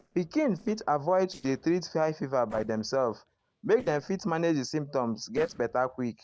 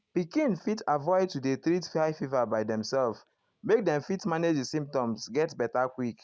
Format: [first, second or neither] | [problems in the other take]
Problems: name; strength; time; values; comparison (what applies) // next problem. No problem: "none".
second | noise reduction (neural separator model SepFormer DNS4)